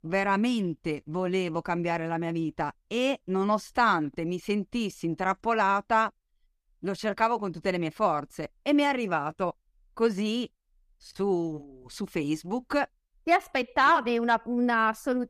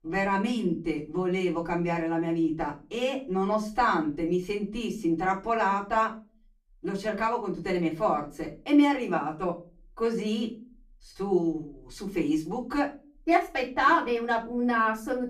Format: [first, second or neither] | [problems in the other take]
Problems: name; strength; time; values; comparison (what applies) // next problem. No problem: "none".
first | off-mic speech; far // room echo; very slight; dies away in 0.3 s